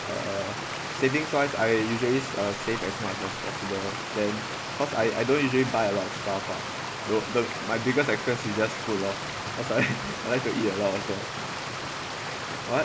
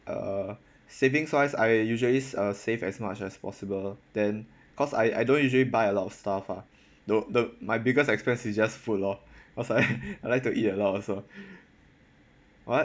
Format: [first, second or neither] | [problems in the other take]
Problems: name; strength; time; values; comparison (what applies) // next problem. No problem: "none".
second | background sound (Stream); 5 dB below the speech